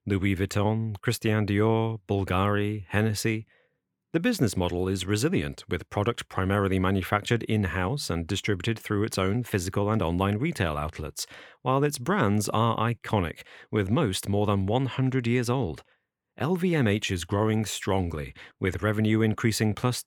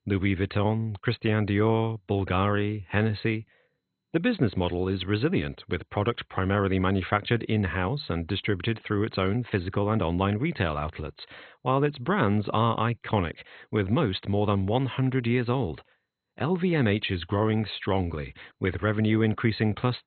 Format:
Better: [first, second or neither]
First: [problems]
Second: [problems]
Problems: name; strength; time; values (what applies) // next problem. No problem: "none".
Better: first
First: none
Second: garbled, watery; badly; nothing above 4 kHz